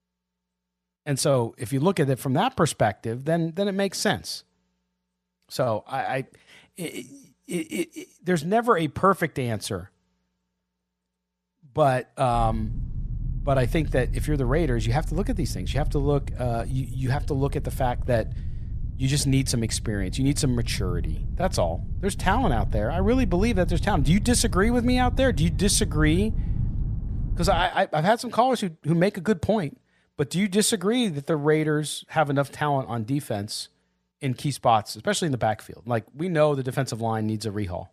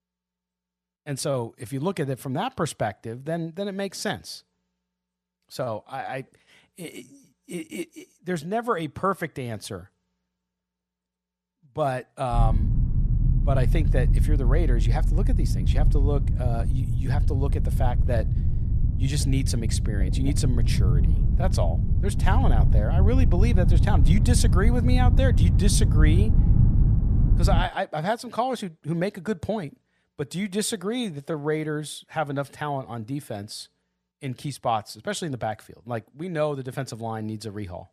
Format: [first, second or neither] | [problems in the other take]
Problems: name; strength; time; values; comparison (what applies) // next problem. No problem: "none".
first | low rumble; loud; from 12 to 28 s; 7 dB below the speech; faint in the first